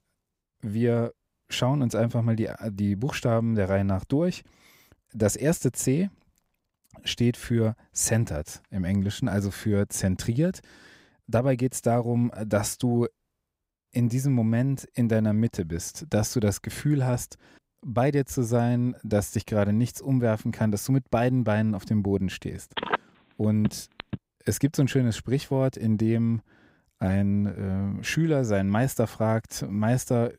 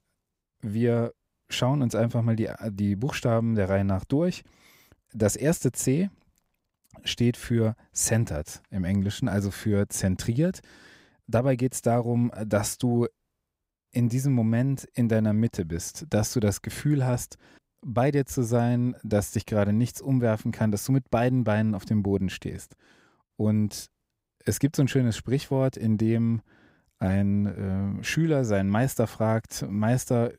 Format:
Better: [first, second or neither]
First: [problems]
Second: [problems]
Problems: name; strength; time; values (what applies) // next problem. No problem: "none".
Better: second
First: phone ringing; noticeable; from 23 to 24 s; peak 3 dB below the speech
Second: none